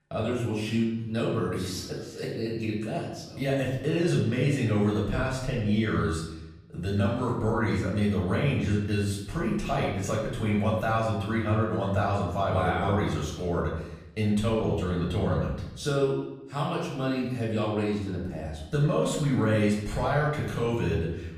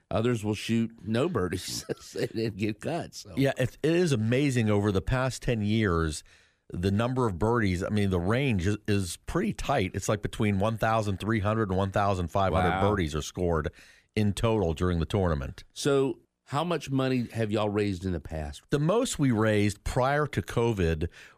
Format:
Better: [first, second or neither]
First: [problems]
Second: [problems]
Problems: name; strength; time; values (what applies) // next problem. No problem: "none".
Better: second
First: off-mic speech; far // room echo; noticeable; dies away in 0.8 s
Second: none